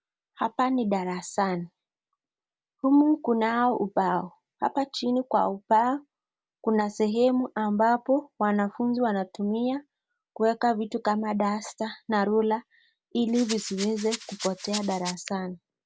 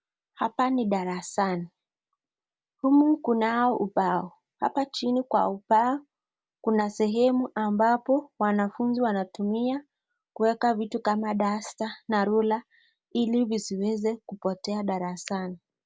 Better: second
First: background sound (Rattle); 11 dB below the speech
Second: none

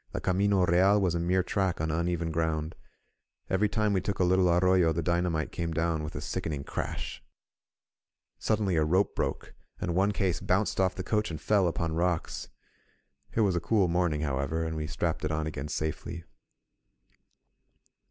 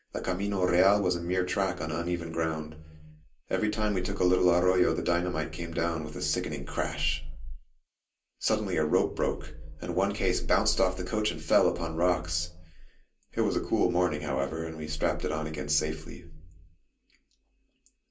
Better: first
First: none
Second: room echo; dies away in 0.3 s

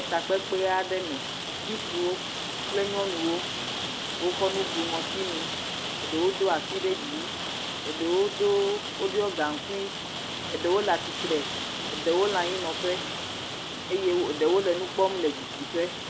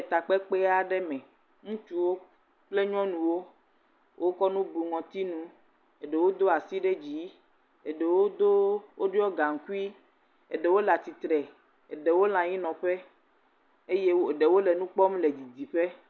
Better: second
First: background sound (Rain); 4 dB below the speech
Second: none

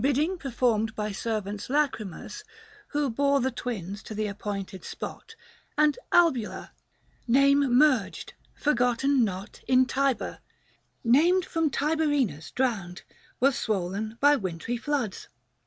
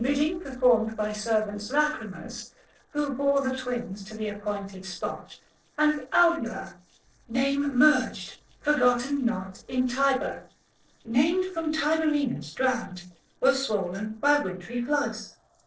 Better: first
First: none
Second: noise reduction (neural separator model SepFormer DNS4)

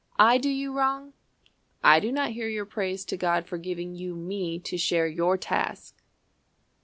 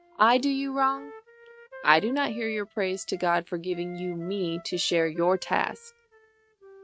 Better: first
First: none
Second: noise reduction (neural mask model RNNoise)

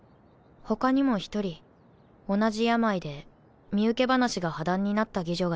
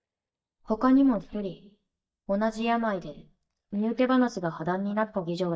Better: first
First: none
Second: noise reduction (neural mask model DeepFilterNet 3)

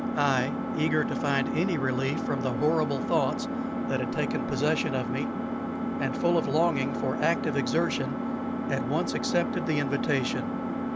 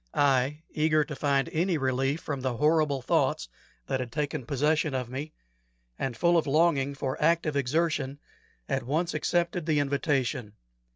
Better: second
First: background sound (Engine); 1 dB below the speech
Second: none

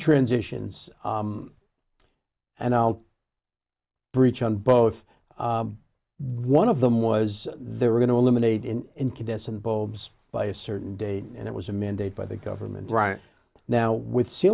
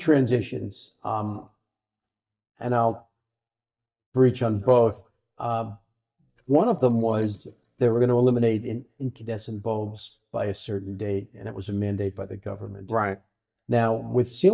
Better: first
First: none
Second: noise reduction (neural mask model DeepFilterNet 3)

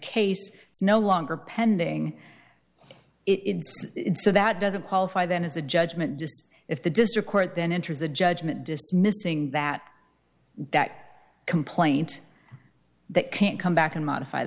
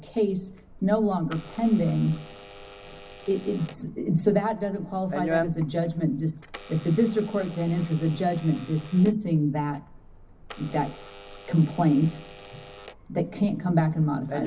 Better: first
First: none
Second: background sound (Alarm / Door); 13 dB below the speech // room echo; dies away in 0.4 s

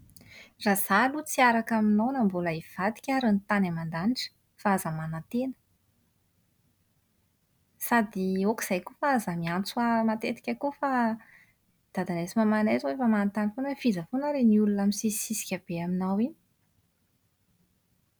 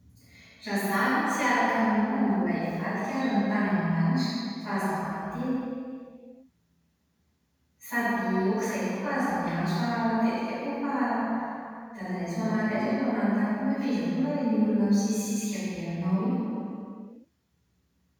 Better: first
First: none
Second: room echo; dies away in 2.1 s

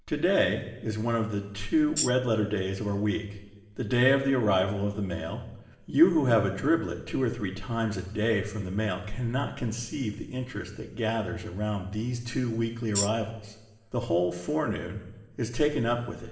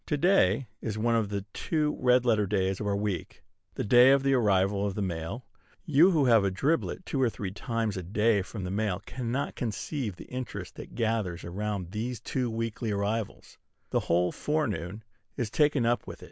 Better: second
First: background sound (Tambourine); 3 dB below the speech // room echo; dies away in 1.2 s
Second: none

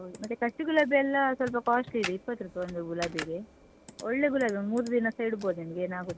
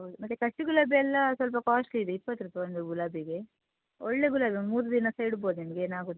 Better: second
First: background sound (Computer keyboard); 16 dB below the speech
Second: none

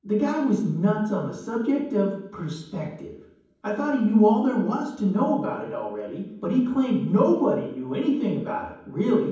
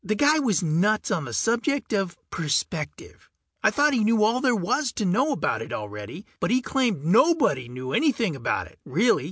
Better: second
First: room echo; dies away in 1.2 s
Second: none

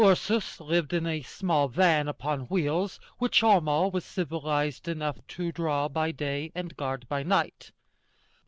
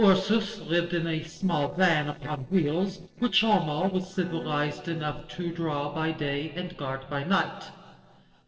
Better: first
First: none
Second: noise reduction (neural separator model SepFormer DNS4)

